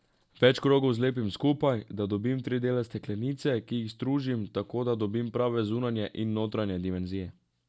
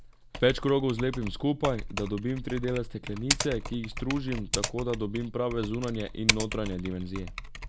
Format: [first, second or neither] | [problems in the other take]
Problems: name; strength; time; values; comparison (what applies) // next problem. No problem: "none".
first | background sound (Typing); 4 dB below the speech